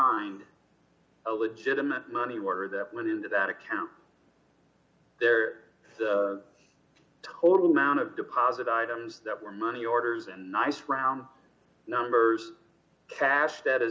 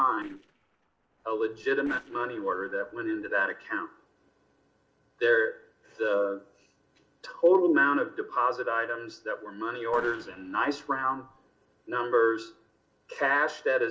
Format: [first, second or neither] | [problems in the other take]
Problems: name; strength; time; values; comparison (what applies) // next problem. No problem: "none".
first | noise reduction (neural separator model SepFormer DNS4)